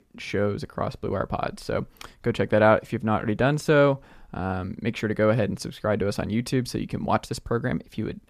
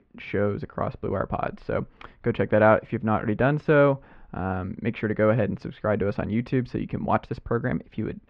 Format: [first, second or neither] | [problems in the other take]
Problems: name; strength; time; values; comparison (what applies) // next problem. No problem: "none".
first | muffled; very; fading above 2.5 kHz